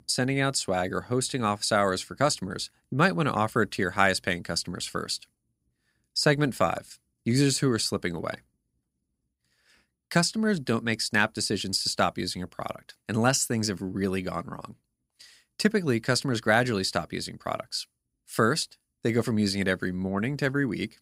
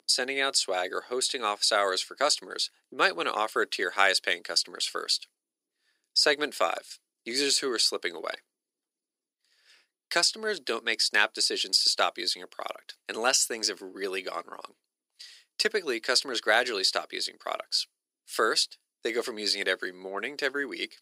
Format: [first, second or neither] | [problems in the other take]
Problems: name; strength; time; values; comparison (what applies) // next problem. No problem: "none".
first | thin; very; fading below 400 Hz